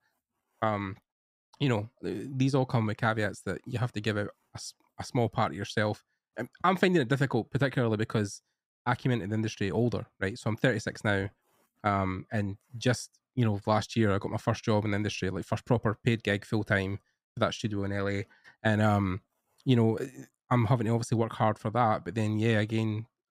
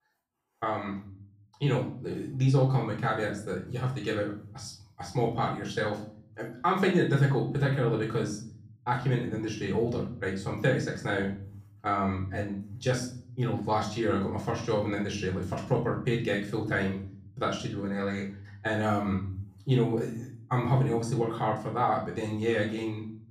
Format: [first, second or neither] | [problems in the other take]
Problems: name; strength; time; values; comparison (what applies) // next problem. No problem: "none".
first | off-mic speech; far // room echo; slight; dies away in 0.5 s